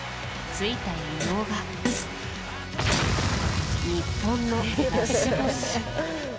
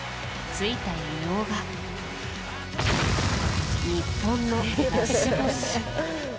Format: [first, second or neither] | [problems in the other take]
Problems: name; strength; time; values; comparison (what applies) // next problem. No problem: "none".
second | background sound (Fart); 8 dB below the speech